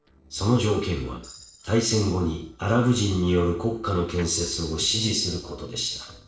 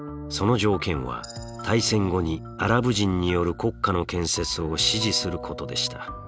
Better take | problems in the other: second | noise reduction (neural separator model SepFormer DNS4)

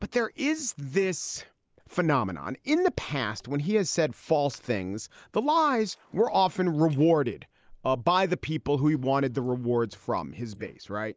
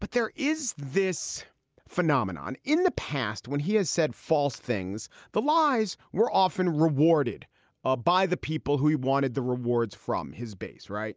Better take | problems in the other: second | noise reduction (neural mask model Resemble Enhance denoiser)

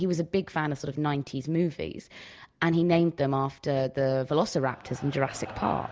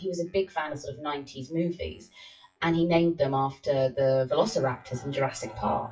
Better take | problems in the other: first | noise reduction (classical method WPE with log-MMSE)

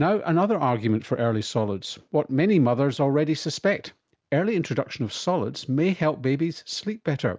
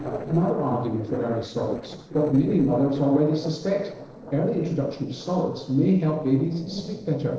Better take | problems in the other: first | noise reduction (neural separator model SepFormer DNS4)

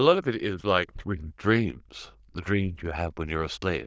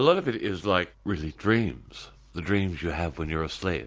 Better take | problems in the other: second | noise reduction (neural diffusion model UNIVERSE++)

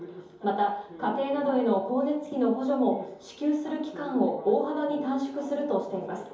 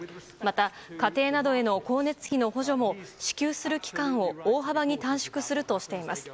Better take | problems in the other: second | room echo; dies away in 2.8 s

